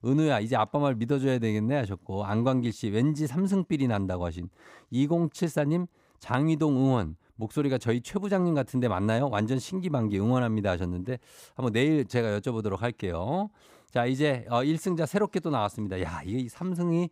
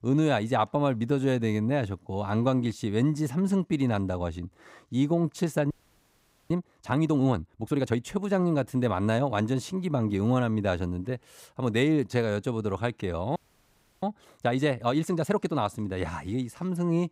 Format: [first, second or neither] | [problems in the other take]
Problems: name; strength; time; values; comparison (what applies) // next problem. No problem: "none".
first | audio freezing; at 5.5 s for 1 s and at 13 s for 0.5 s